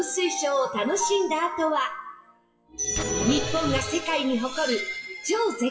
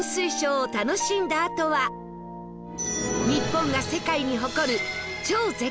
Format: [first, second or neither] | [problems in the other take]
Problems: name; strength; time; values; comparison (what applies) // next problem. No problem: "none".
second | noise reduction (classical method WPE with log-MMSE)